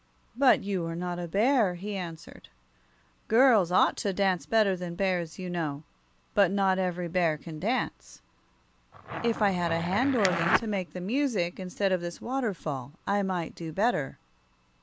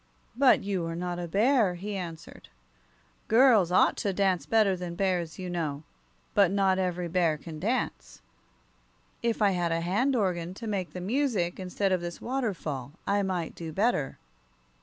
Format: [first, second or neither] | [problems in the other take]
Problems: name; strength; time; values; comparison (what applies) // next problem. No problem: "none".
second | background sound (Zipper (clothing)); 3 dB below the speech